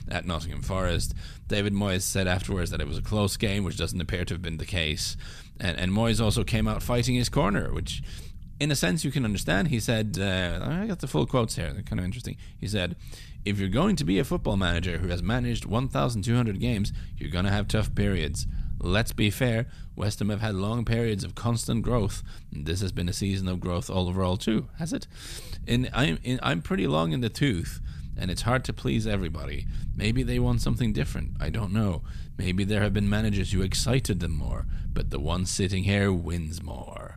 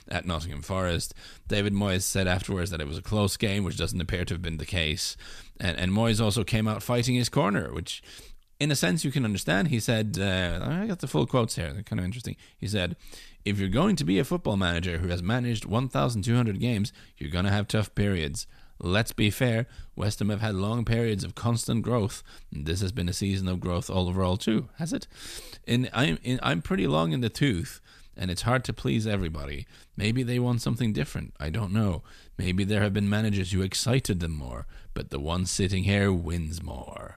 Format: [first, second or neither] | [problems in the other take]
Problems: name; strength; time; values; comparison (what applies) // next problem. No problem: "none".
second | low rumble; faint; throughout; 25 dB below the speech